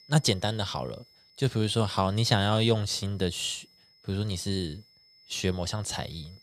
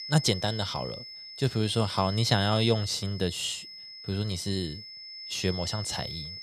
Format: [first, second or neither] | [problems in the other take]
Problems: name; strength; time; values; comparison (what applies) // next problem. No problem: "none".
first | high-pitched whine; loud; throughout; 5 kHz, 9 dB below the speech; faint in the first